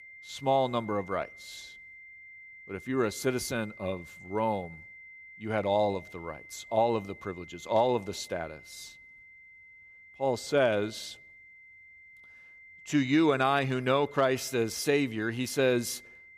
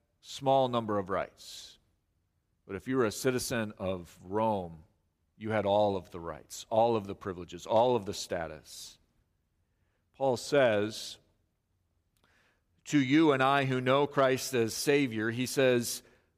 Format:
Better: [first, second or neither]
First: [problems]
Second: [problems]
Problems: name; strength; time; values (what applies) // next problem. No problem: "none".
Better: second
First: high-pitched whine; noticeable; throughout; 2 kHz, 20 dB below the speech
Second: none